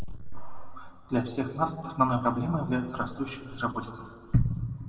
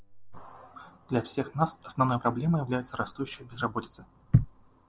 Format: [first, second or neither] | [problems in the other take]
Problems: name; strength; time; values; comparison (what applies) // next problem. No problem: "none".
second | room echo; dies away in 1.8 s